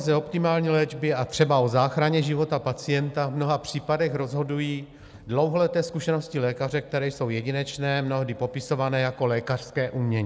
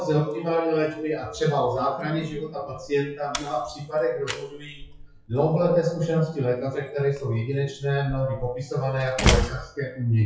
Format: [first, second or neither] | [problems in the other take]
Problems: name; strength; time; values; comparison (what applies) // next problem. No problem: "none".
first | noise reduction (classical method WPE with log-MMSE)